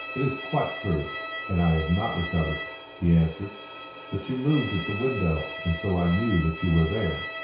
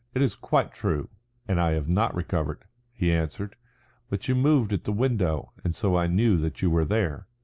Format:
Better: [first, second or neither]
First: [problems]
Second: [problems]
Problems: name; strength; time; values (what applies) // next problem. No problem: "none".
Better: second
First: background sound (Bowed string instrument); 10 dB below the speech // room echo; dies away in 0.6 s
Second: none